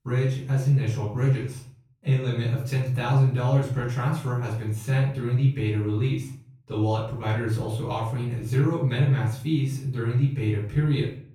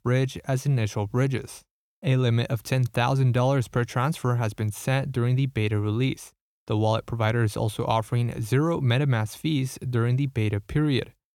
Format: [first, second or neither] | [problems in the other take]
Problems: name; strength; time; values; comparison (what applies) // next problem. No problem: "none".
second | off-mic speech; far // room echo; noticeable; dies away in 0.4 s